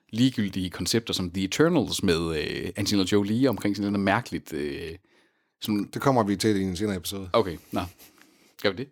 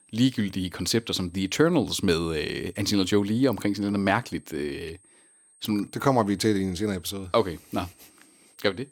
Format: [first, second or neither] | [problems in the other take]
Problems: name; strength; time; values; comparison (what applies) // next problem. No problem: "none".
first | high-pitched whine; faint; throughout; 8.5 kHz, 30 dB below the speech